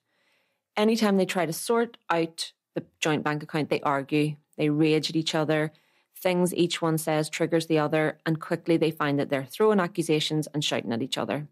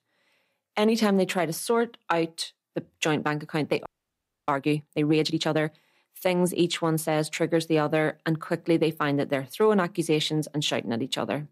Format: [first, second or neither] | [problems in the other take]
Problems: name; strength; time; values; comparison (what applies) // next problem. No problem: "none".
first | audio freezing; at 4 s for 0.5 s